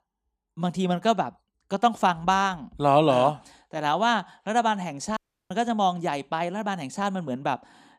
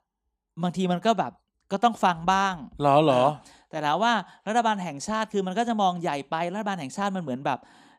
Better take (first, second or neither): second